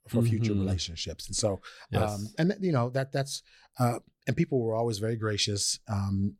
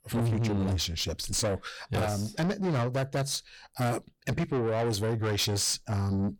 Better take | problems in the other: first | distortion; heavy; 8 dB below the speech

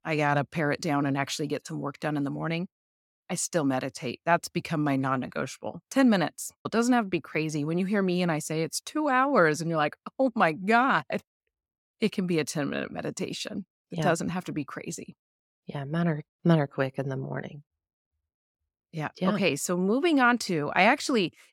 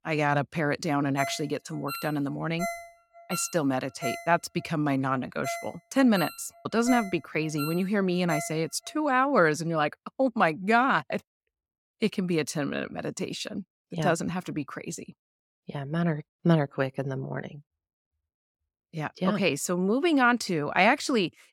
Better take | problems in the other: first | phone ringing; noticeable; from 1 to 8.5 s; peak 7 dB below the speech

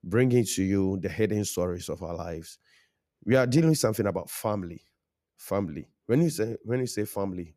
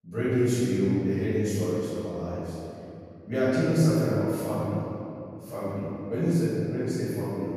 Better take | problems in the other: first | off-mic speech; far // room echo; strong; dies away in 2.8 s

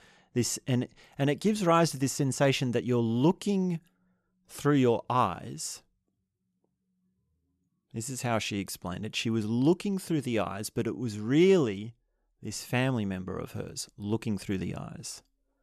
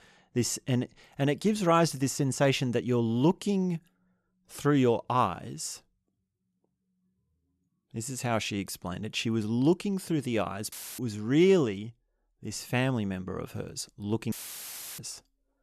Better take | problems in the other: first | audio cutting out; filled with static; at 11 s and at 14 s for 0.5 s

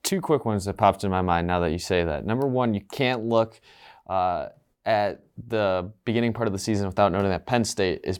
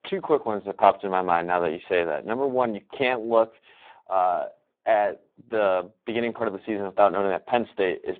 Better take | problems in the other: first | phone-call audio; poor line; nothing above 3.5 kHz

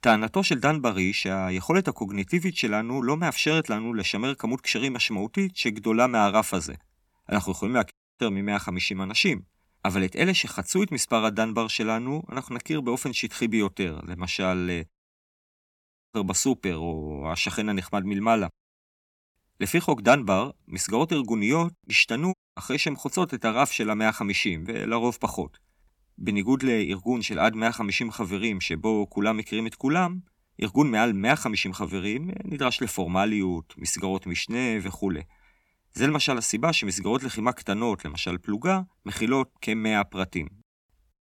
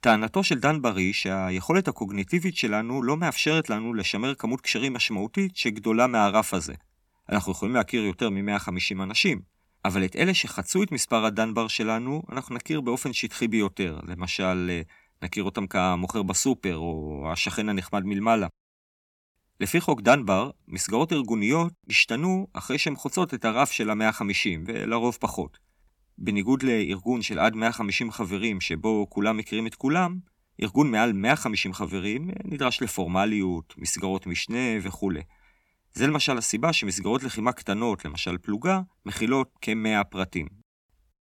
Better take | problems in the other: second | audio cutting out; at 8 s, at 15 s for 1 s and at 22 s

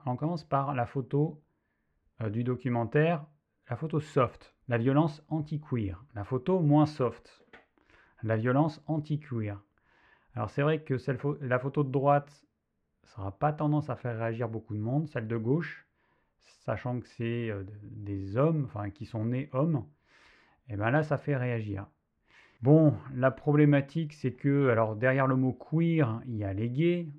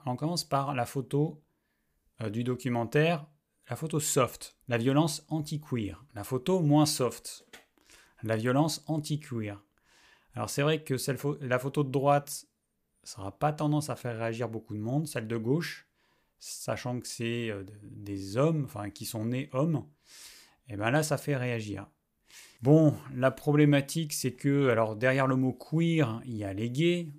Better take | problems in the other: second | muffled; very; fading above 1.5 kHz

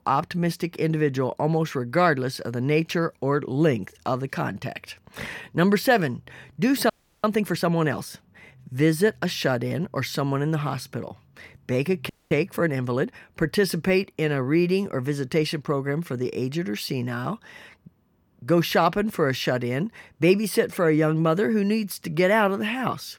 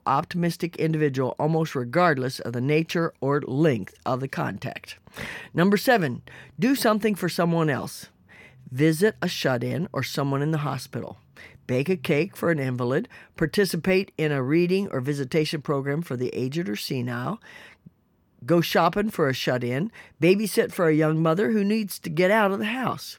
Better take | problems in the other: second | audio freezing; at 7 s and at 12 s

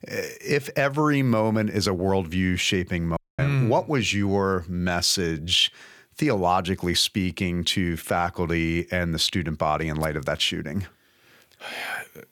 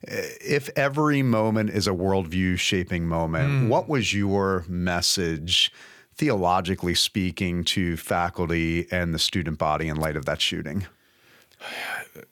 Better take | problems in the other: second | audio cutting out; at 3 s

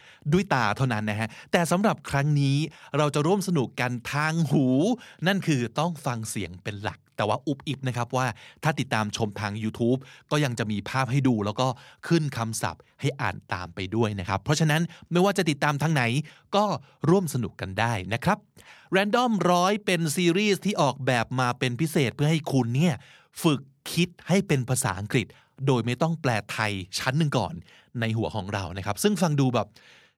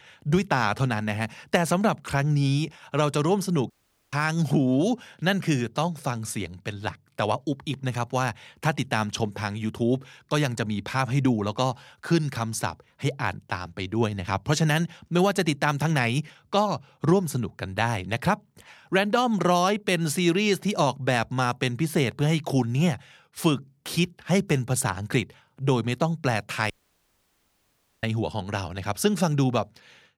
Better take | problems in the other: first | audio cutting out; at 3.5 s and at 27 s for 1.5 s

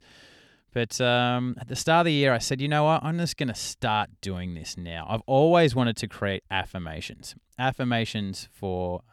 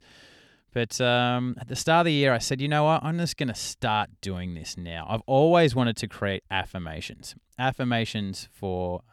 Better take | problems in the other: neither | none

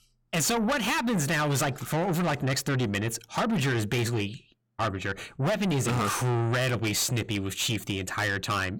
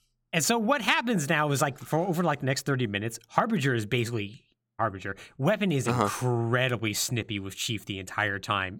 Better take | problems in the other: second | distortion; heavy; 6 dB below the speech

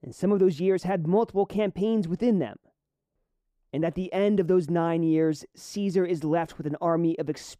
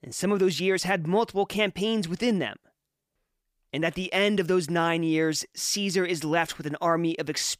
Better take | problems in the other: second | muffled; slightly; fading above 1 kHz

